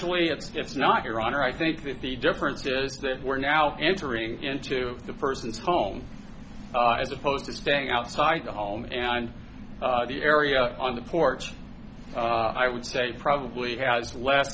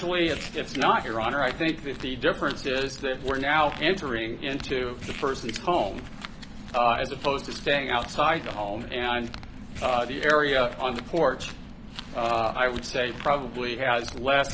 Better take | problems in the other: first | background sound (Crumpling, crinkling); 16 dB below the speech

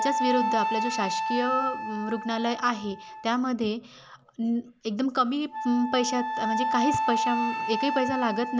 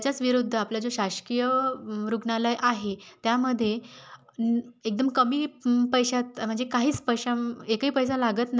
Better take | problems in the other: second | background sound (Wind instrument, woodwind instrument); 3 dB below the speech

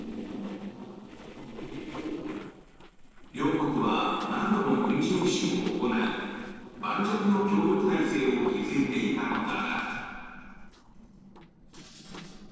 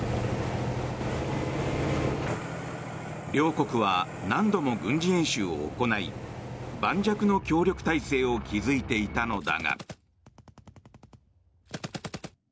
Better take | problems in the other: second | noise reduction (neural separator model SepFormer DNS4)

